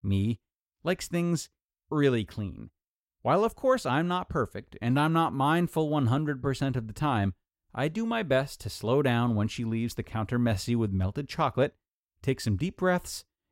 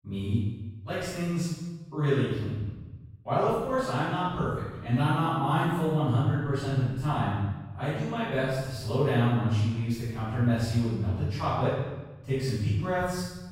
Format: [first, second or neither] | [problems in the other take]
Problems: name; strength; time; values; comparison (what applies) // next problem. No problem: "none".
first | room echo; strong; dies away in 1.1 s // off-mic speech; far